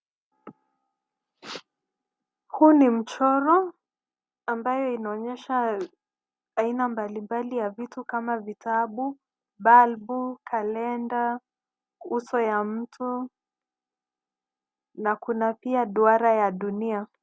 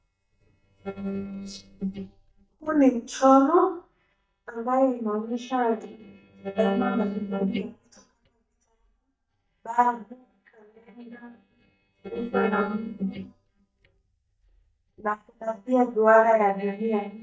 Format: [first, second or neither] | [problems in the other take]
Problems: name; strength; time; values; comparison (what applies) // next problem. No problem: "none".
first | noise reduction (neural mask model DeepFilterNet 3)